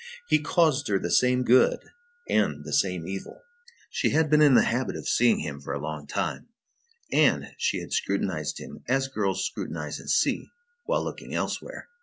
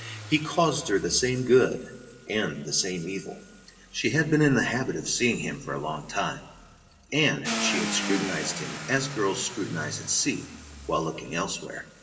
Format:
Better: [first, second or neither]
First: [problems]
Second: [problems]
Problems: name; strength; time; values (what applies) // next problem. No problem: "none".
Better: first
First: none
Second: background sound (Car); 11 dB below the speech // room echo; dies away in 2.3 s